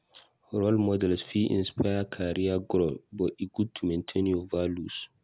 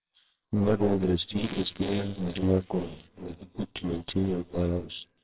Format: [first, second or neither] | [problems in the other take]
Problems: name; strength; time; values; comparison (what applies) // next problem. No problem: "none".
first | noise reduction (neural separator model SepFormer WHAMR!)